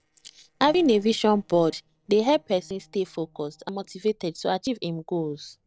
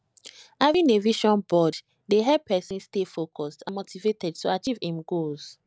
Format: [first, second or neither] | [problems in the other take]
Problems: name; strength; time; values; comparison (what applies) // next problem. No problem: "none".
second | noise reduction (neural separator model SepFormer DNS4)